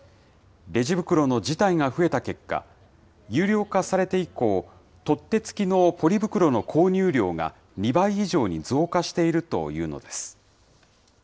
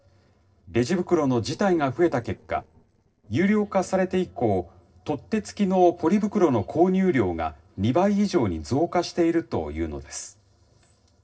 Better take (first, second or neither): first